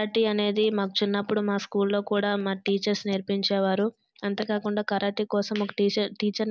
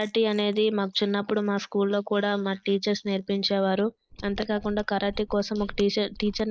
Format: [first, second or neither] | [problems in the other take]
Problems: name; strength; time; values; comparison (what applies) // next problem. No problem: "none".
first | noise reduction (neural mask model Resemble Enhance denoiser)